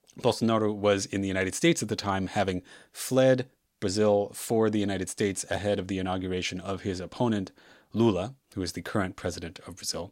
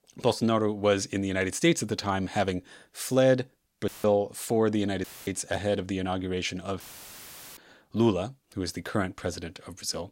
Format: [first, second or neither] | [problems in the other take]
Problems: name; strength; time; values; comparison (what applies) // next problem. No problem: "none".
first | audio cutting out; filled with static; at 4 s, at 5 s and at 7 s for 1 s